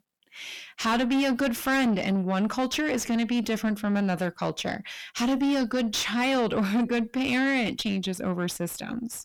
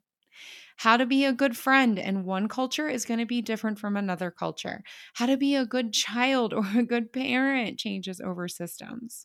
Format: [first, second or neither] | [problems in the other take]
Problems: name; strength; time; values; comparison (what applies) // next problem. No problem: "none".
second | distortion; heavy; 6 dB below the speech